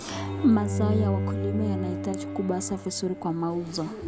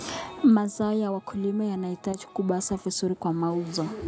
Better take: second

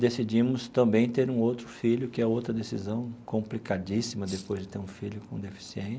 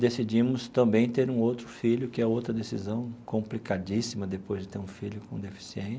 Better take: second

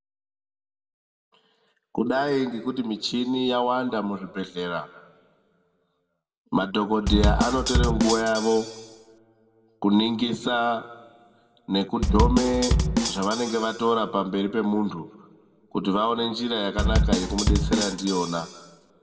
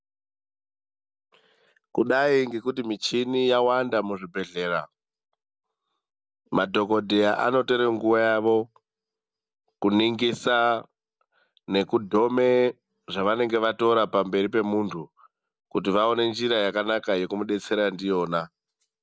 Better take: second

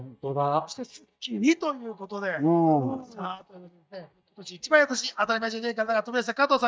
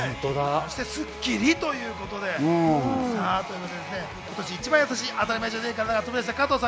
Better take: second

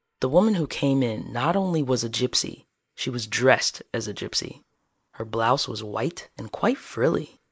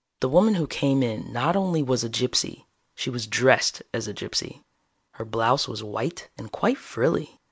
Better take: second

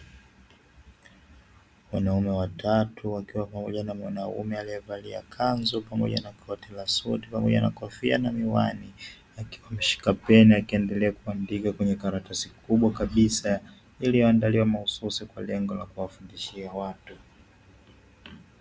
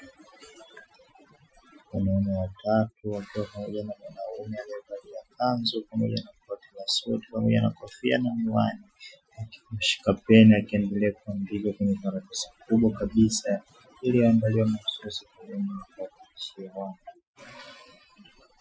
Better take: first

